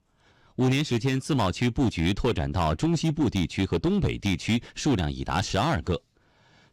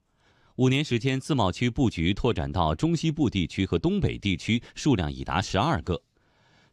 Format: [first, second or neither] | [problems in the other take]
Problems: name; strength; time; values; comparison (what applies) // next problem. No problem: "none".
second | distortion; slight; 8% of the sound clipped